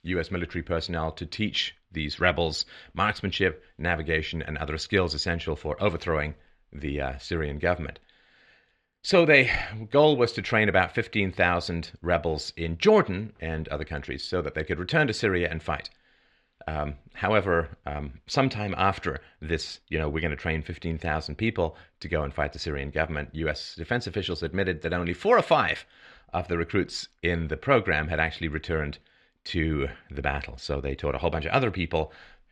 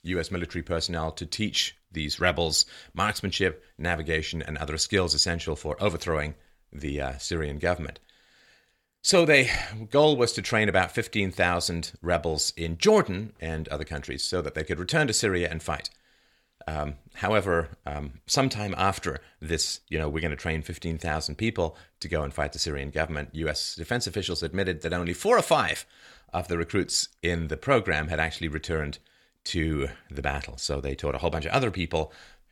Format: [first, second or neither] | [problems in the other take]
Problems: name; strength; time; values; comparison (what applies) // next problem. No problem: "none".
second | muffled; slightly; fading above 3 kHz